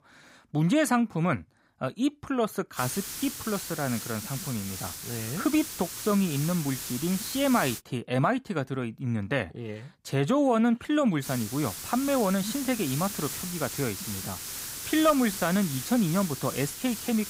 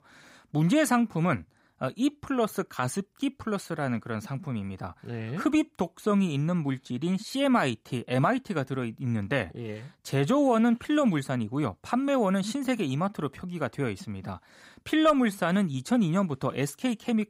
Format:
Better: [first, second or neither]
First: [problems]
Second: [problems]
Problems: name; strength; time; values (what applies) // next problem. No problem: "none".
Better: second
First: hiss; loud; from 3 to 8 s and from 11 s on; 7 dB below the speech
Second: none